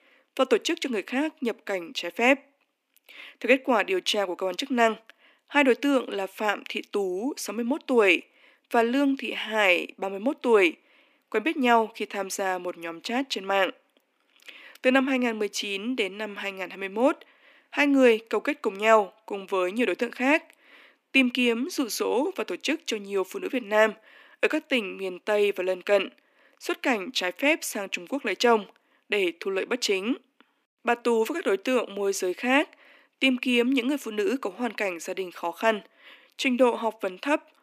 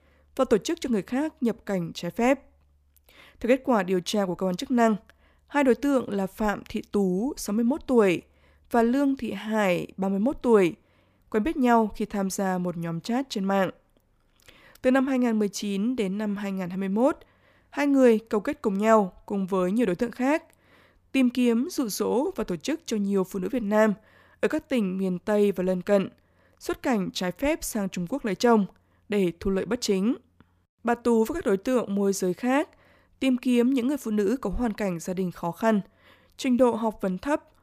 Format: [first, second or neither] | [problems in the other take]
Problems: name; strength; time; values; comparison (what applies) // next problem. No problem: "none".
second | thin; very slightly; fading below 250 Hz